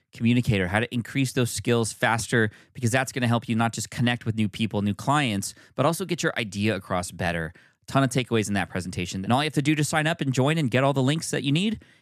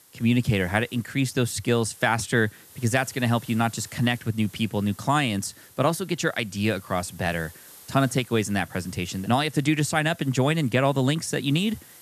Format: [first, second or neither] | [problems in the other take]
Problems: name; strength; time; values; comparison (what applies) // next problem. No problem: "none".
first | hiss; faint; throughout; 25 dB below the speech